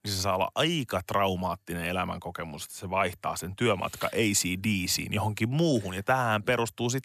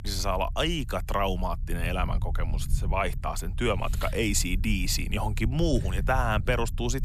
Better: first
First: none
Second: low rumble; faint; throughout; 20 dB below the speech

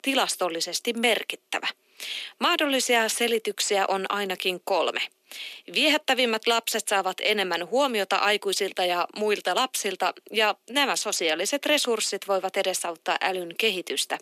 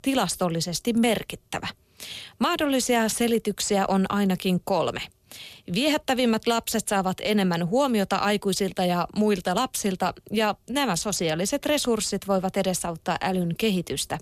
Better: second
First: thin; somewhat; fading below 300 Hz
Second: none

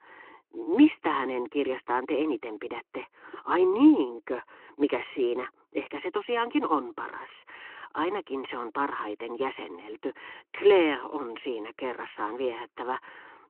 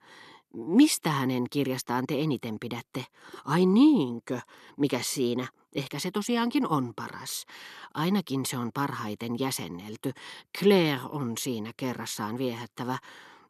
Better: second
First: phone-call audio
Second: none

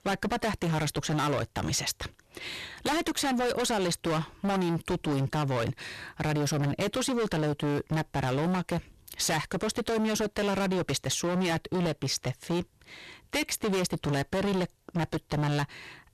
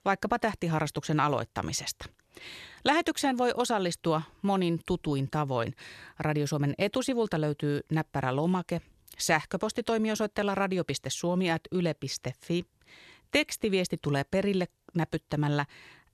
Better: second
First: distortion; heavy; 26% of the sound clipped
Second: none

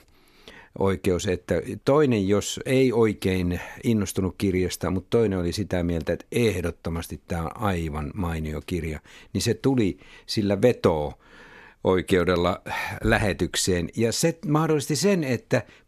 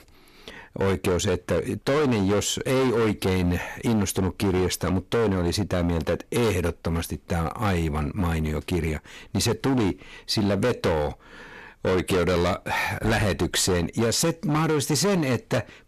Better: first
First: none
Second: distortion; heavy; 19% of the sound clipped

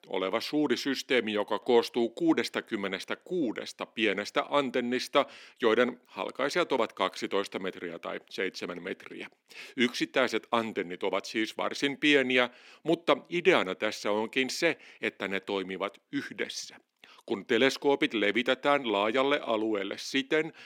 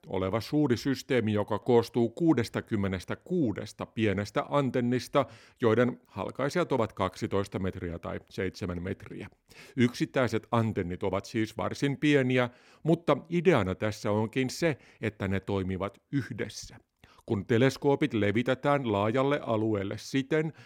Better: second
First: thin; very slightly; fading below 250 Hz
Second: none

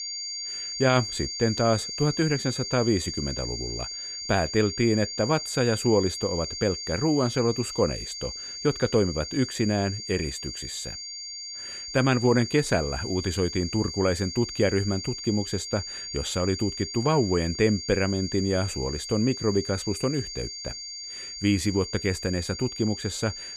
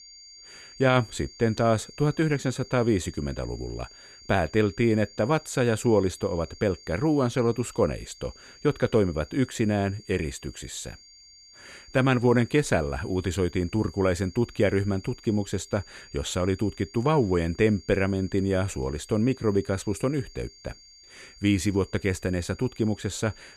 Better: second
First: high-pitched whine; loud; throughout; 4.5 kHz, 7 dB below the speech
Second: high-pitched whine; faint; throughout; 4.5 kHz, 20 dB below the speech

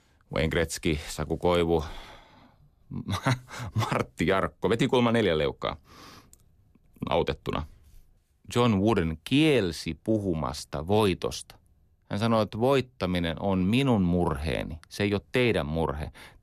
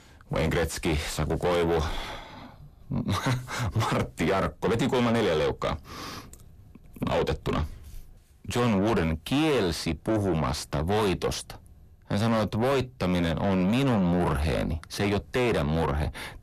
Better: first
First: none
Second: distortion; heavy; 6 dB below the speech

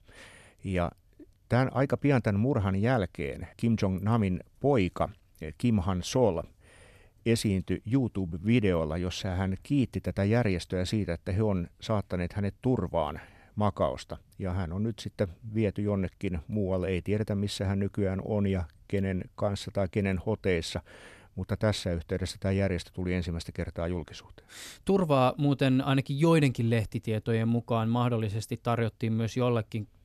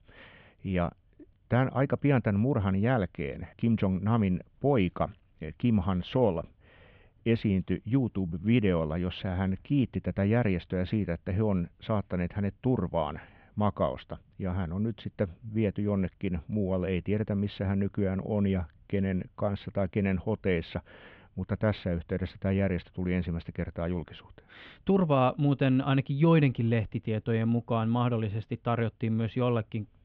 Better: first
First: none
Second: muffled; very; fading above 3 kHz

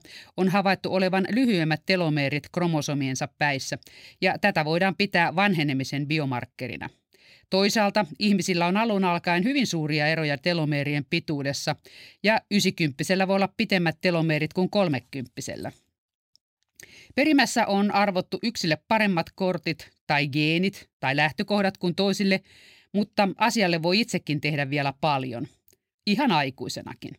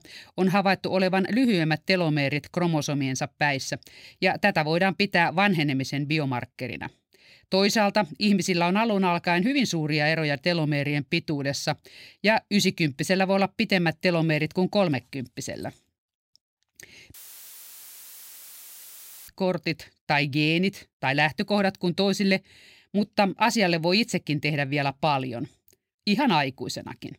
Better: first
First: none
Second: audio cutting out; filled with static; at 17 s for 2 s

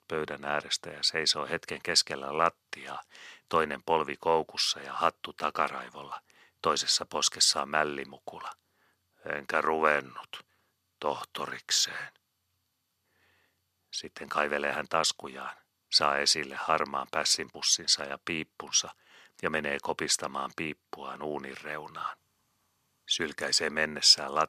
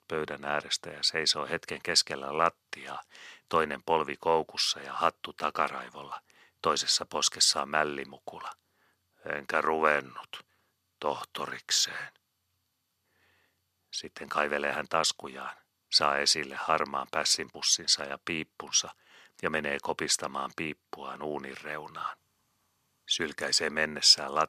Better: neither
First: thin; somewhat; fading below 1 kHz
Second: thin; somewhat; fading below 1 kHz

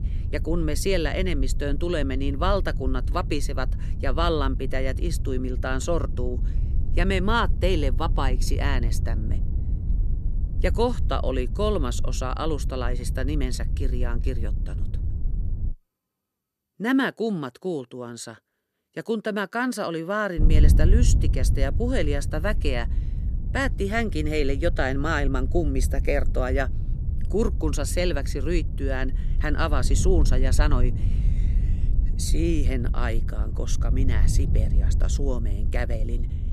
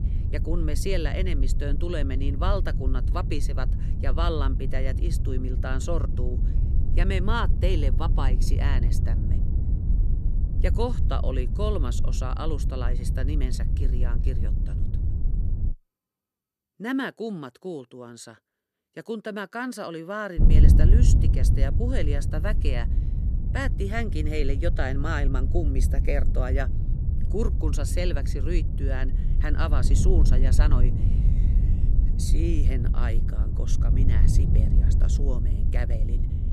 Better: first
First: wind noise on the microphone; occasional gusts; until 16 s and from 20 s on; 15 dB below the speech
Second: wind noise on the microphone; heavy; until 16 s and from 20 s on; 8 dB below the speech

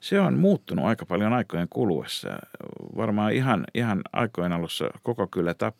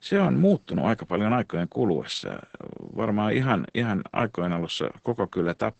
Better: first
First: none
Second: garbled, watery; badly; nothing above 8 kHz

